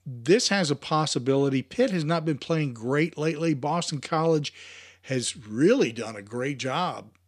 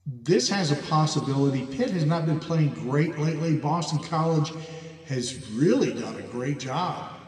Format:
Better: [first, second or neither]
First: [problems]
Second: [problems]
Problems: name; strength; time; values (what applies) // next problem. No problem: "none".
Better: first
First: none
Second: room echo; slight; dies away in 1.9 s